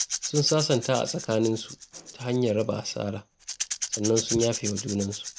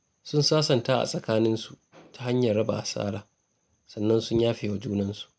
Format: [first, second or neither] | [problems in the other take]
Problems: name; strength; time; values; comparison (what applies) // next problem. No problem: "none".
second | background sound (Rattle / Rattle (instrument)); 8 dB below the speech